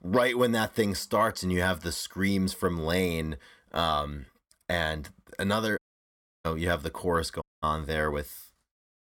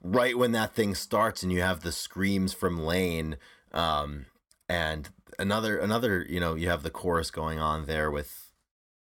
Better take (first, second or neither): second